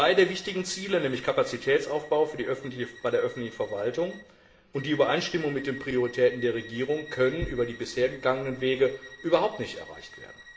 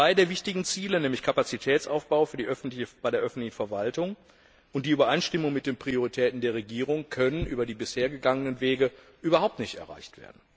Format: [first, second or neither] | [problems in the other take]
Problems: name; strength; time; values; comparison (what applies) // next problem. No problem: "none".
second | background sound (Bowed string instrument); 18 dB below the speech // room echo; dies away in 0.9 s